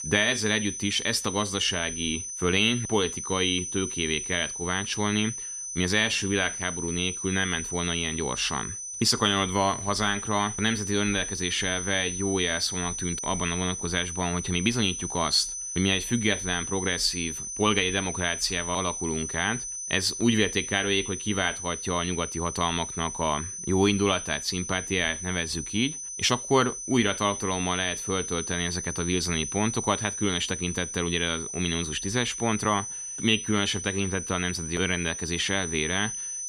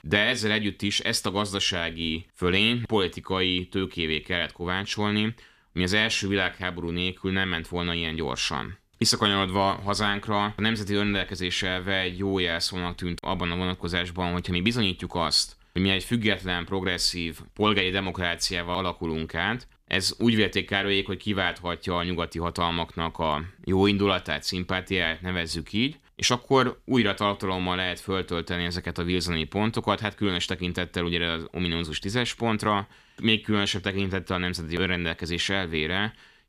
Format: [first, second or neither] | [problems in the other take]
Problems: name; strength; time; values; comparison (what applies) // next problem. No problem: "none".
second | high-pitched whine; loud; throughout; 6 kHz, 6 dB below the speech